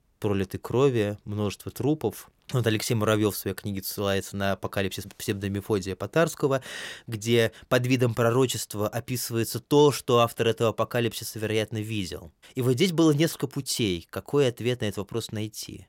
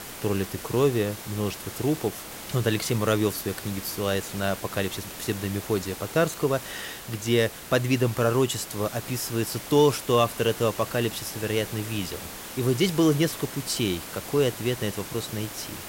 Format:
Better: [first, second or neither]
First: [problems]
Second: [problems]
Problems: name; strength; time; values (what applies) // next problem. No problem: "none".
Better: first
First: none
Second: hiss; noticeable; throughout; 10 dB below the speech